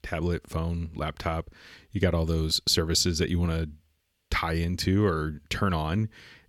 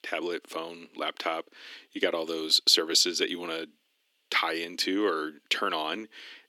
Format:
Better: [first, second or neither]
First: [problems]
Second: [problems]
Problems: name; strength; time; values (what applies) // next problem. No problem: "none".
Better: first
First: none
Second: thin; somewhat; fading below 300 Hz